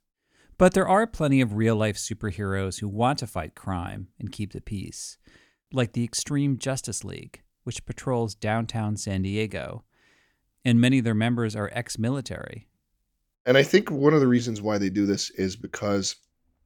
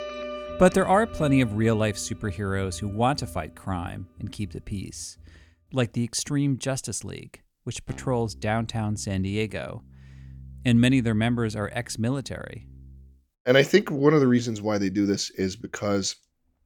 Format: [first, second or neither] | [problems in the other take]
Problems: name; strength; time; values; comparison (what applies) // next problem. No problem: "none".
first | background music; noticeable; until 13 s; 20 dB below the speech